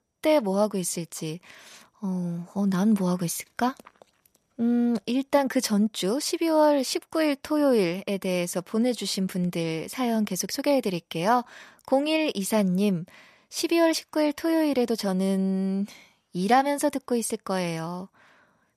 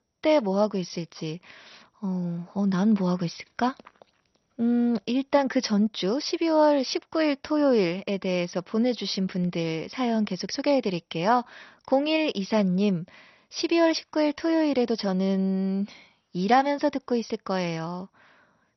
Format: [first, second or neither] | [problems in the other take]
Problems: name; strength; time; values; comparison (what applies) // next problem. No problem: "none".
first | garbled, watery; slightly; nothing above 6 kHz